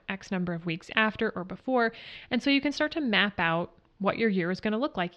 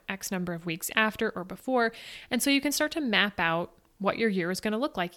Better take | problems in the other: second | muffled; very slightly; fading above 4.5 kHz

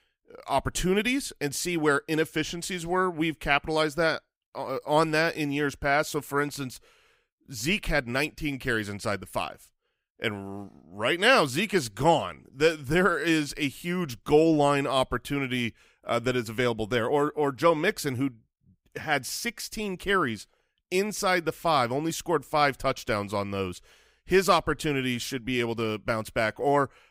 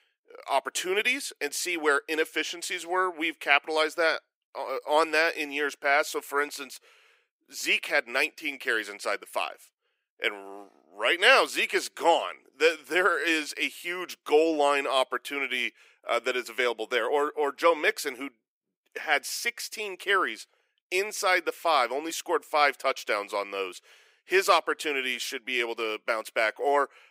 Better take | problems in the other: first | thin; somewhat; fading below 350 Hz

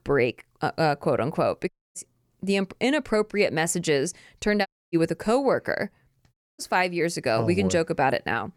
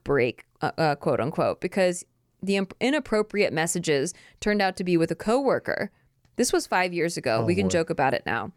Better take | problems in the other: second | audio cutting out; at 1.5 s, at 4.5 s and at 6.5 s

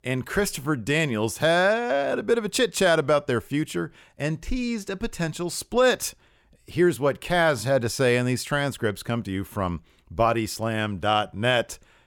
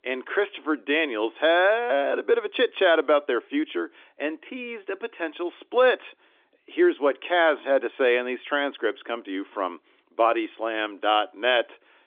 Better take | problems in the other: first | phone-call audio; nothing above 3.5 kHz

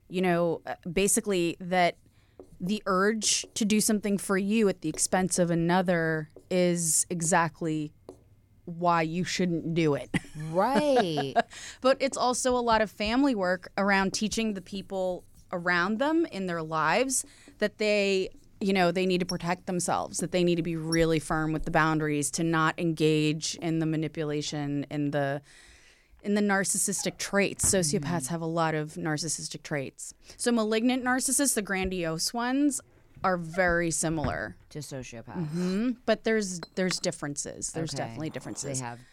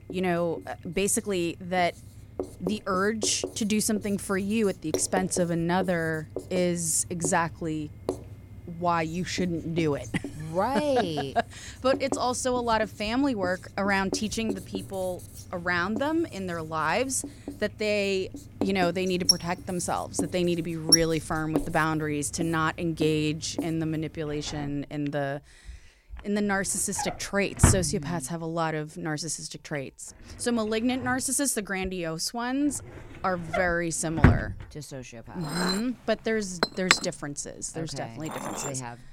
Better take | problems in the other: first | household noises; loud; throughout; 3 dB below the speech; faint in the first

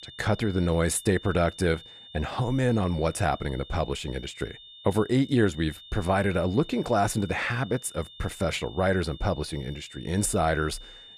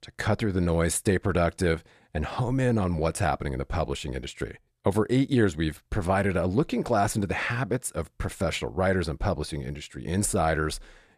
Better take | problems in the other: second | high-pitched whine; noticeable; throughout; 3.5 kHz, 20 dB below the speech

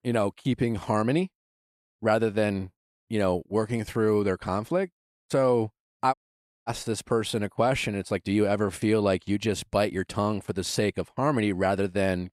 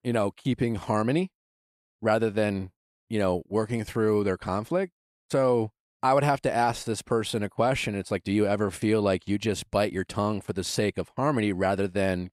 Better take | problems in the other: second | audio cutting out; at 6 s for 0.5 s

